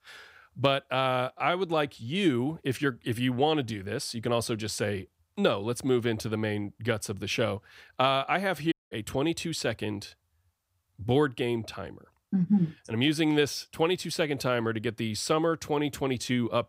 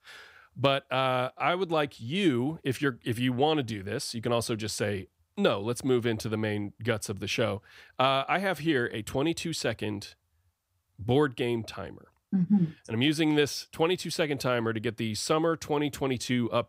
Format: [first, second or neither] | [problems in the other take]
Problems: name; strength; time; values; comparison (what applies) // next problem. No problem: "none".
second | audio cutting out; at 8.5 s